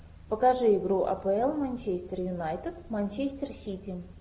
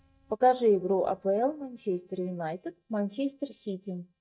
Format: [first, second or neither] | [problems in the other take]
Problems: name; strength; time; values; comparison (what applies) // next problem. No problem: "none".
first | noise reduction (neural mask model DeepFilterNet 3)